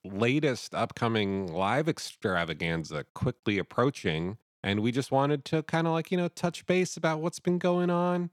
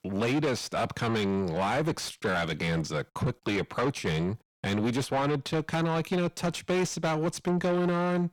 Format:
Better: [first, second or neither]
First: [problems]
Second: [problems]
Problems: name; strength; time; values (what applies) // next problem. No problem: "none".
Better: first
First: none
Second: distortion; heavy; 6 dB below the speech